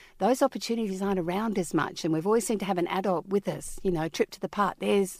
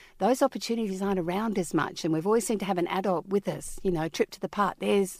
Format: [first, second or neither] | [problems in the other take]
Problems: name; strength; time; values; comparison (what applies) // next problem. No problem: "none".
neither | none